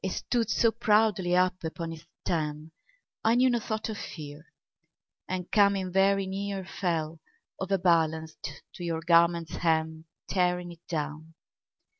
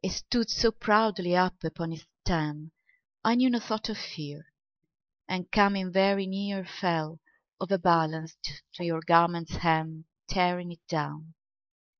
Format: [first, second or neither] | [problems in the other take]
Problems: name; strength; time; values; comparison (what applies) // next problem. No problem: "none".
first | noise reduction (neural mask model Resemble Enhance denoiser)